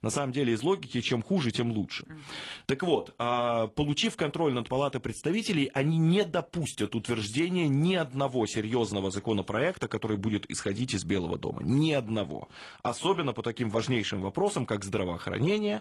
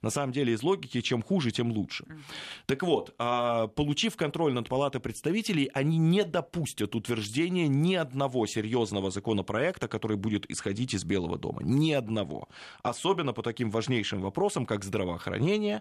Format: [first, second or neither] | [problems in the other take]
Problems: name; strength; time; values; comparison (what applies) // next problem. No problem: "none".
second | garbled, watery; slightly